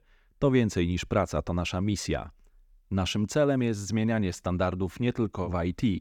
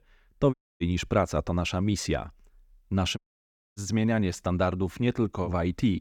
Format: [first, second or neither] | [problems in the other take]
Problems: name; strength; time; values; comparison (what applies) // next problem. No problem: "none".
first | audio cutting out; at 0.5 s and at 3 s for 0.5 s